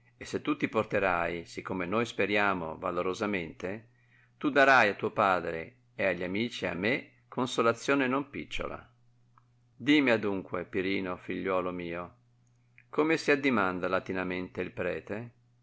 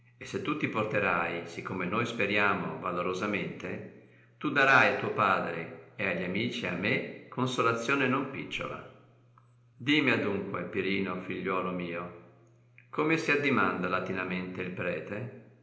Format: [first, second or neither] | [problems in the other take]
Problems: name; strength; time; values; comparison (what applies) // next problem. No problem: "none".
first | room echo; dies away in 0.9 s